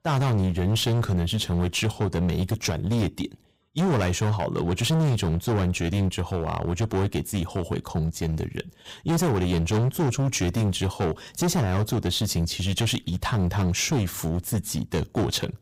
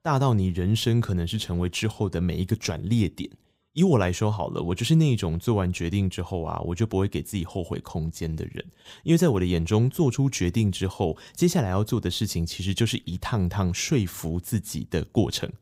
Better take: second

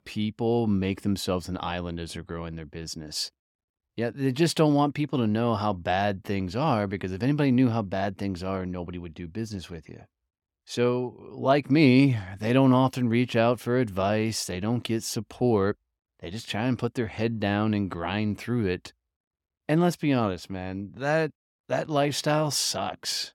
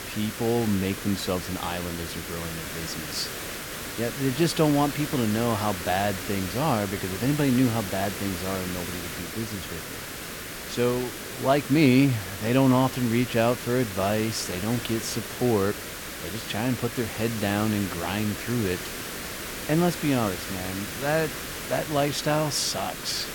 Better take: first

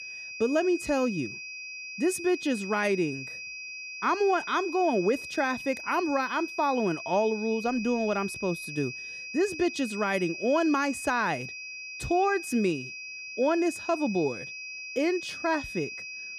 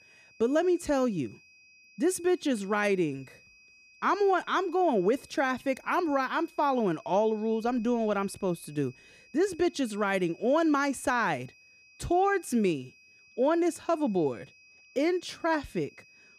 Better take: second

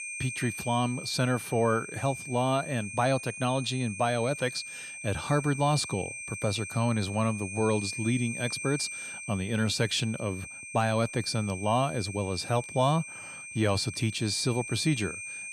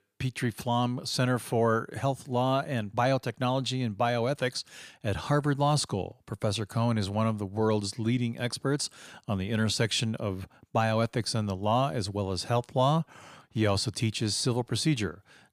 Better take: second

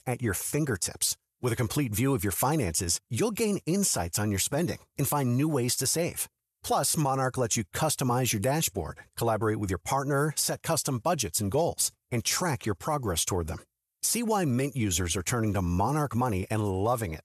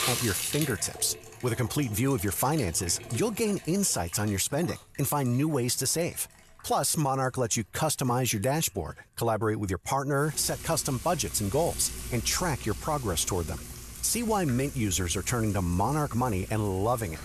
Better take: first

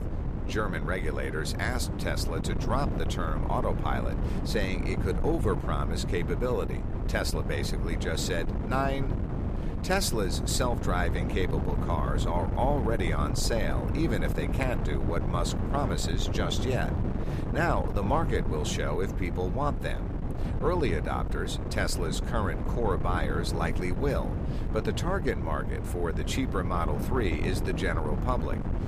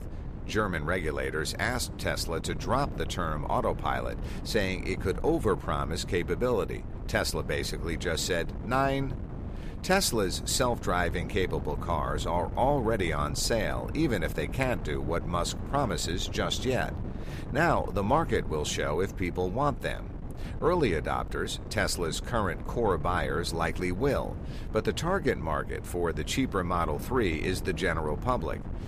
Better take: second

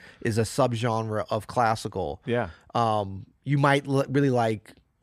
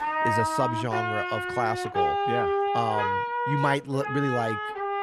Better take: first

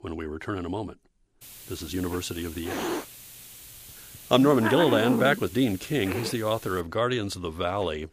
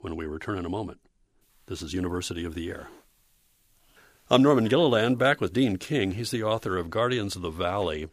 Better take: second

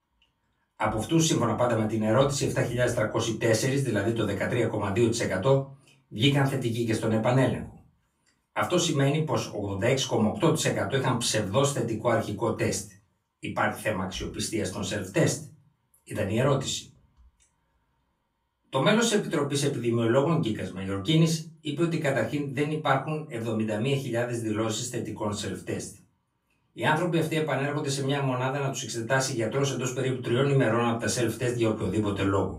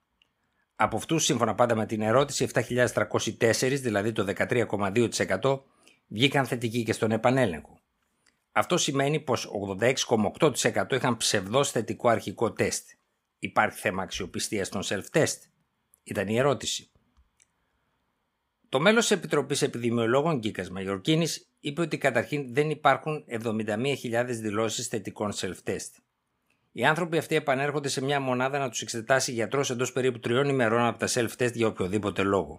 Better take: second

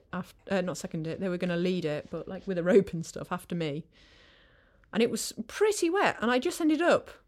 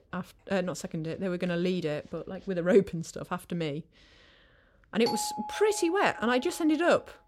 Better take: first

